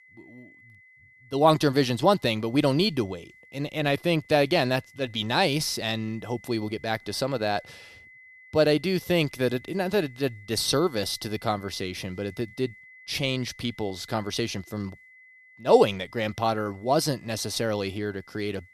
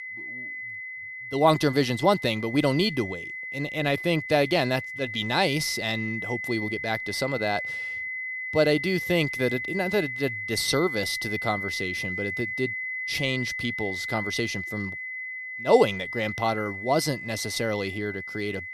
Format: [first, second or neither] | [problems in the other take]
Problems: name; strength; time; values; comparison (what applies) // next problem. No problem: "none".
first | high-pitched whine; loud; throughout; 2 kHz, 5 dB below the speech; faint in the first